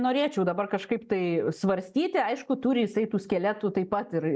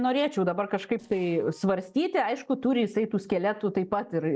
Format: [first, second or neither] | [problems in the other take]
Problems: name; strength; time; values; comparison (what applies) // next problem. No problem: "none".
first | noise reduction (neural separator model SepFormer DNS4)